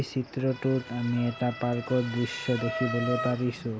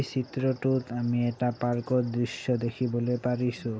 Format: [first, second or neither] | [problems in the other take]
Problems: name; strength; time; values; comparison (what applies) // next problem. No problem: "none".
second | background sound (Motor vehicle (road) / Siren); 9 dB below the speech